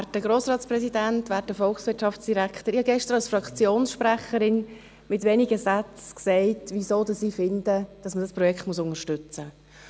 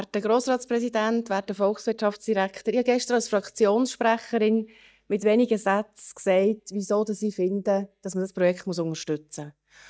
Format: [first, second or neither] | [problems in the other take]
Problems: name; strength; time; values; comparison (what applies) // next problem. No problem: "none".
first | noise reduction (neural mask model DeepFilterNet 3)